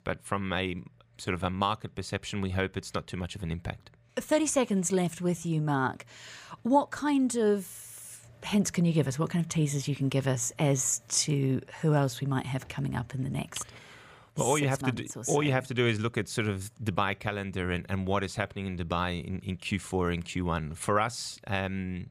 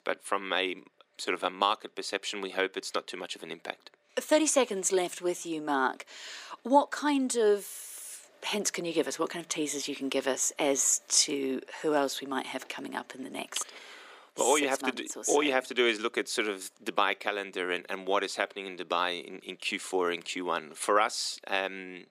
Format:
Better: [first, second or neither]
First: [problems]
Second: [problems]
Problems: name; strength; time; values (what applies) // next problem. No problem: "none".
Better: first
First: none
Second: thin; somewhat; fading below 300 Hz